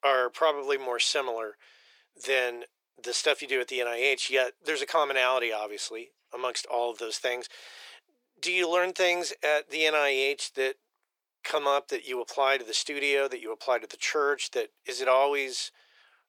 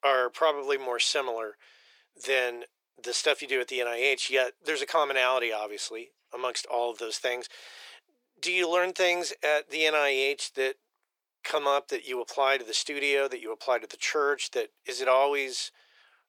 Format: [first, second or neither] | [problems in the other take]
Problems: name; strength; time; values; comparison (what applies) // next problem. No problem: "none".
neither | thin; very; fading below 400 Hz; the same in both